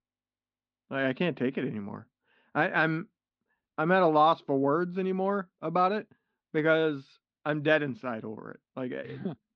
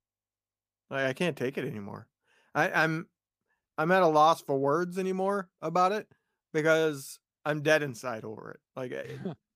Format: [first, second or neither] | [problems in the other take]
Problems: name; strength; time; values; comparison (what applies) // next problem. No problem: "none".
second | muffled; slightly; fading above 4 kHz